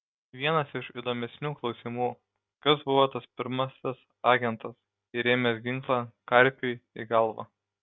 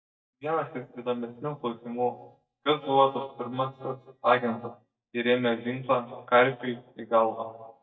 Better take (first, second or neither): first